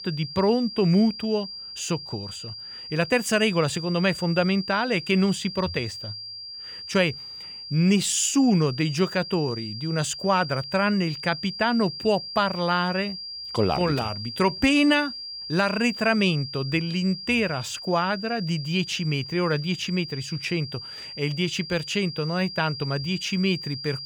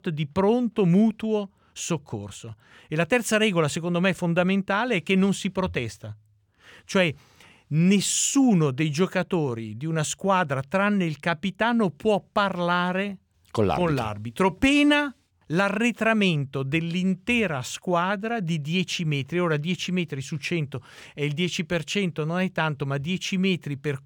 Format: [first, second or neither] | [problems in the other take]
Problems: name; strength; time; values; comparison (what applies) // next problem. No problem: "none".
second | high-pitched whine; loud; throughout; 5 kHz, 10 dB below the speech